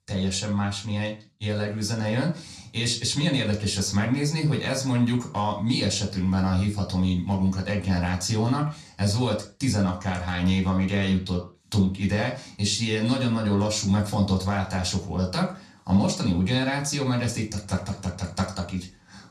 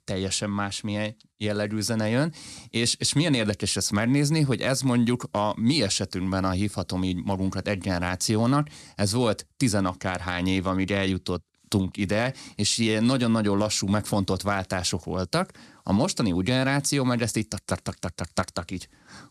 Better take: second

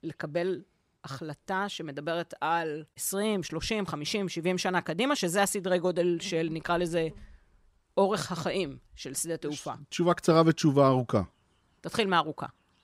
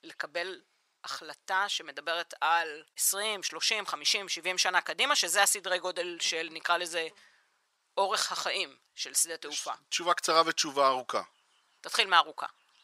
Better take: first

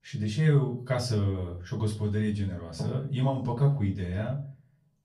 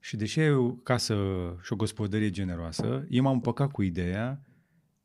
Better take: second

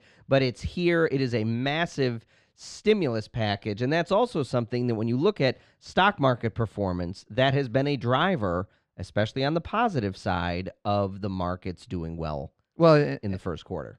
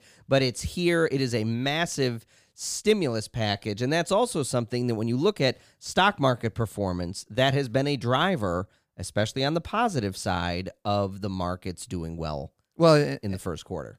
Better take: second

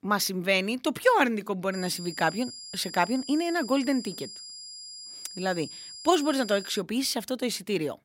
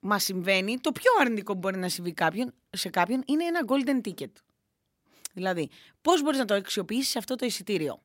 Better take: second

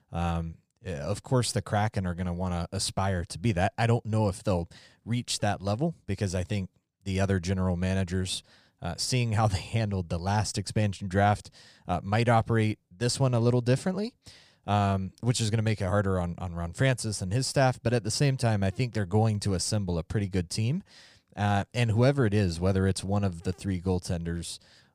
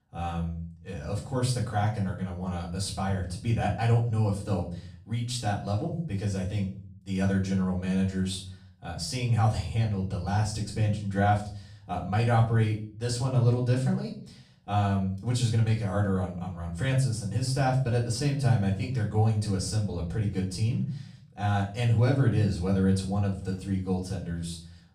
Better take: first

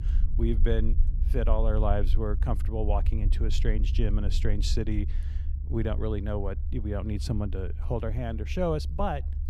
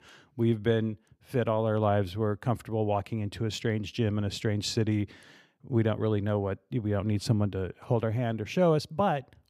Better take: second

